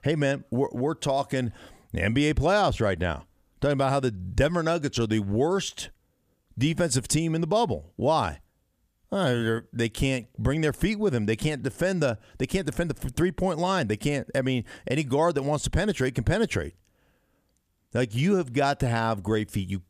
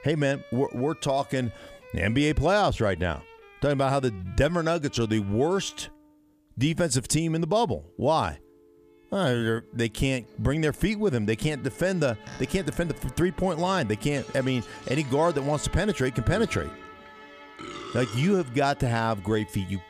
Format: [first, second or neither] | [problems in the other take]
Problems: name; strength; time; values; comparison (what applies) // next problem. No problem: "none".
first | background music; noticeable; throughout; 20 dB below the speech